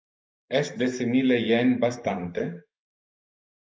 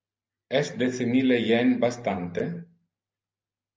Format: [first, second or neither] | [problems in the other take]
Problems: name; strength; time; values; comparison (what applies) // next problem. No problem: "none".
second | noise reduction (neural mask model Resemble Enhance denoiser)